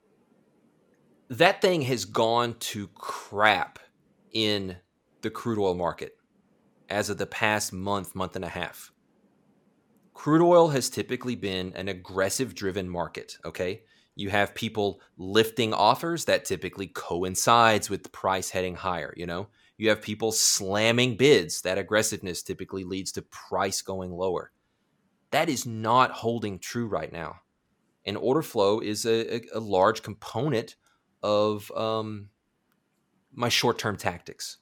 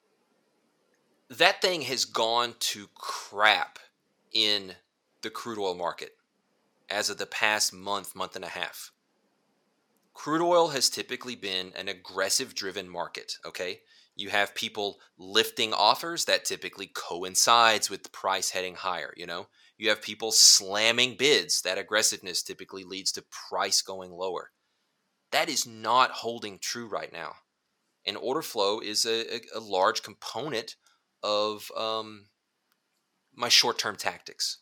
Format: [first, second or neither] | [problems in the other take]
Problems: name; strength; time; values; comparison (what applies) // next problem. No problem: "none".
first | thin; somewhat; fading below 800 Hz